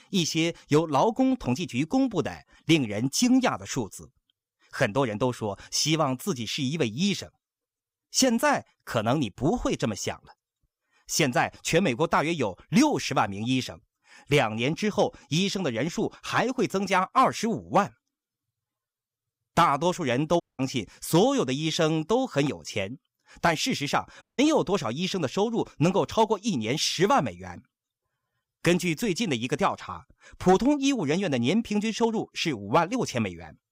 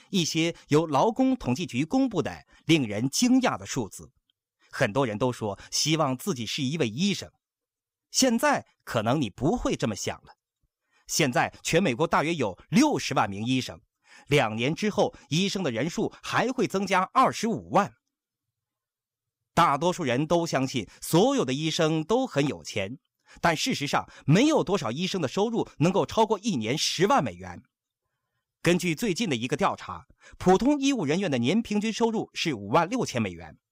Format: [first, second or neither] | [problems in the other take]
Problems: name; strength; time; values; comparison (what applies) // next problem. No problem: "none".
second | audio cutting out; at 20 s and at 24 s